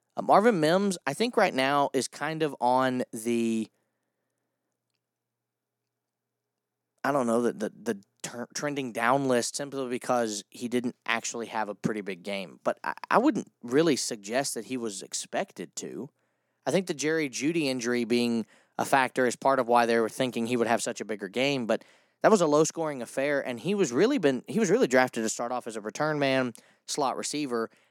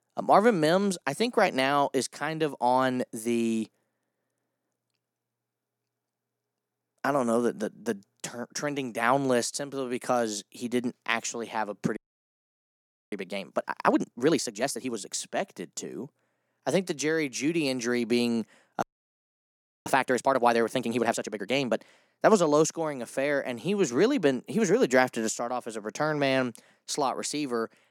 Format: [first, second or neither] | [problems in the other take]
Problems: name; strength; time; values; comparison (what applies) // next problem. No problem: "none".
first | audio freezing; at 12 s for 1 s and at 19 s for 1 s